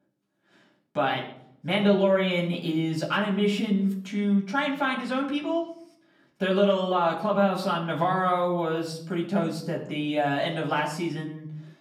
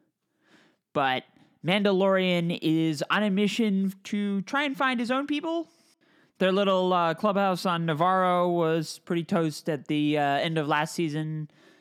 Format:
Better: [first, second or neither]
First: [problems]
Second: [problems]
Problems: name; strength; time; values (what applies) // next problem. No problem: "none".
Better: second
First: off-mic speech; far // room echo; slight; dies away in 0.6 s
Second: none